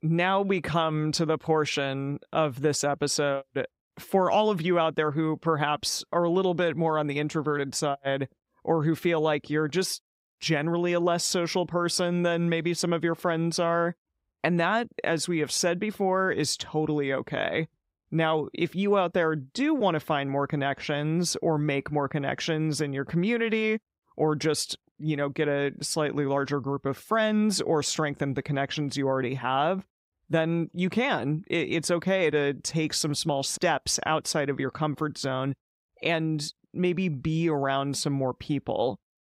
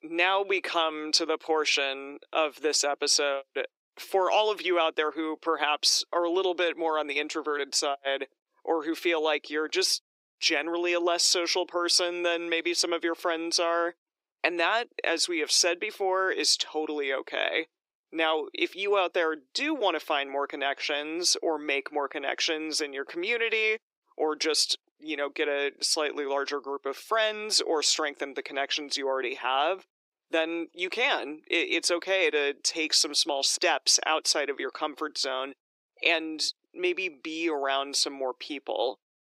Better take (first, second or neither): first